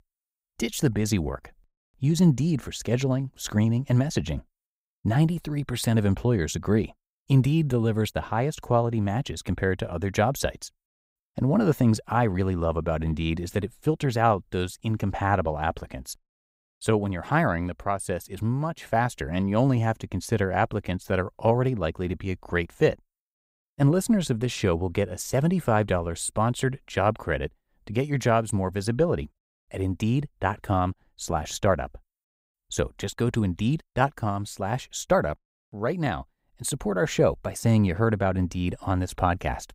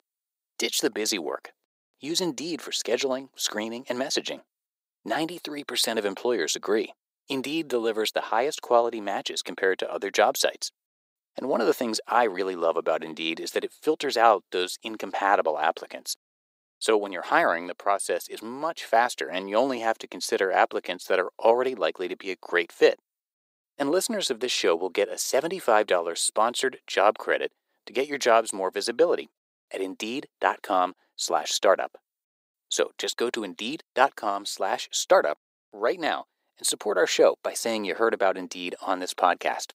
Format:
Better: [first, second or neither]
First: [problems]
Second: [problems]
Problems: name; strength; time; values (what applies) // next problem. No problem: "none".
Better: first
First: none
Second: thin; very; fading below 350 Hz